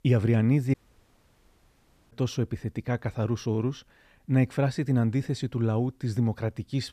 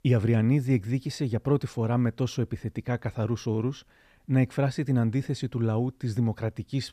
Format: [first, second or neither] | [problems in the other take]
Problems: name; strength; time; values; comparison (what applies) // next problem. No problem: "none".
second | audio cutting out; at 0.5 s for 1.5 s